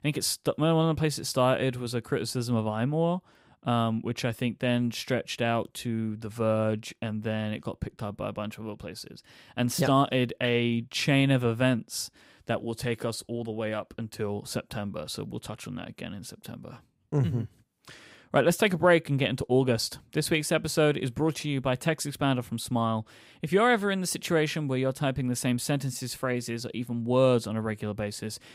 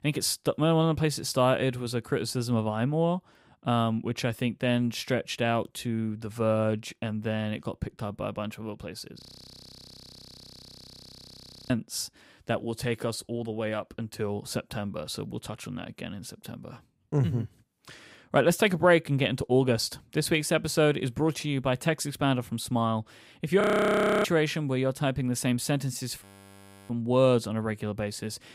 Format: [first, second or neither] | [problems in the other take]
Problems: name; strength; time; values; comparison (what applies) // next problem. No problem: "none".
first | audio freezing; at 9 s for 2.5 s, at 24 s for 0.5 s and at 26 s for 0.5 s